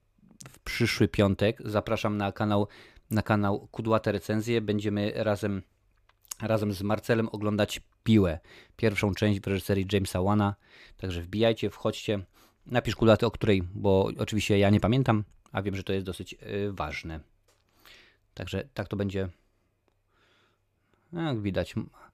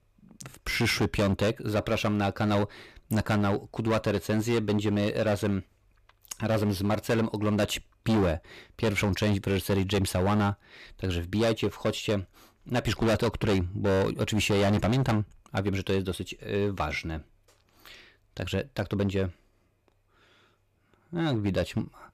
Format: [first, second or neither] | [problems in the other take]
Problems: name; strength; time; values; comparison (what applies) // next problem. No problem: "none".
first | distortion; heavy; 11% of the sound clipped